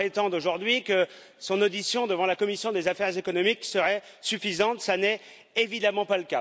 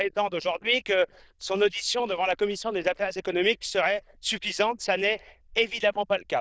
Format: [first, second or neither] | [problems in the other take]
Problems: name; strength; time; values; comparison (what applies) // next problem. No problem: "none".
first | noise reduction (neural diffusion model UNIVERSE++)